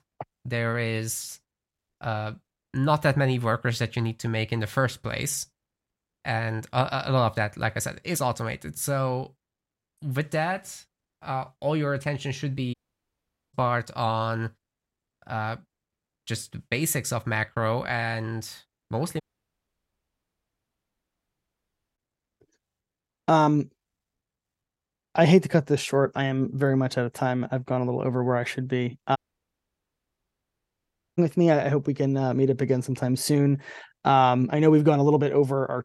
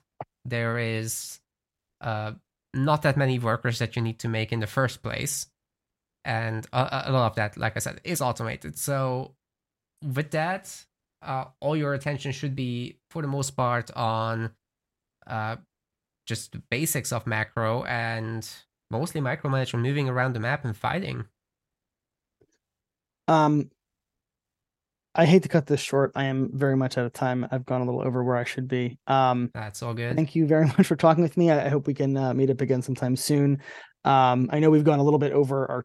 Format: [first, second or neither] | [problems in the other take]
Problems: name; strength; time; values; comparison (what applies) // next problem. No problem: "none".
second | audio cutting out; at 13 s for 1 s, at 19 s for 3 s and at 29 s for 2 s